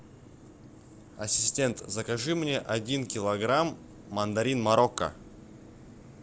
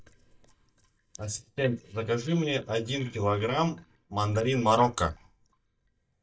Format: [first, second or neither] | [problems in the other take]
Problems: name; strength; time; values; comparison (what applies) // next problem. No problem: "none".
first | noise reduction (neural mask model DeepFilterNet 3)